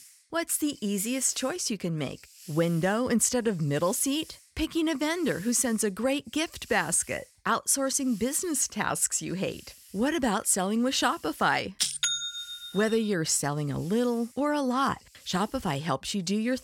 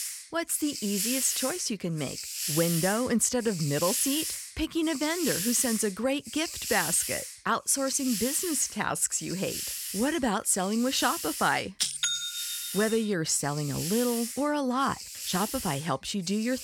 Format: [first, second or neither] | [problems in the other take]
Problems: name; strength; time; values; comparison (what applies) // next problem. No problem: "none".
first | hiss; loud; throughout; 5 dB below the speech; faint in the first